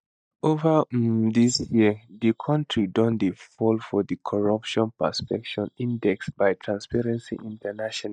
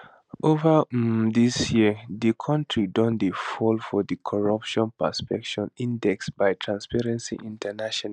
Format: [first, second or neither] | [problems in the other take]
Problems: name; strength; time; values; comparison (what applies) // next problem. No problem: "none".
second | noise reduction (neural mask model DeepFilterNet 3)